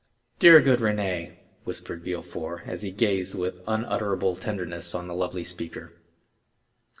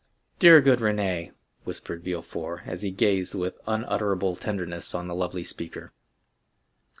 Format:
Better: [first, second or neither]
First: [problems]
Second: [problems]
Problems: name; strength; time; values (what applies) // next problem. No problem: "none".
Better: second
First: room echo; dies away in 0.7 s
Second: none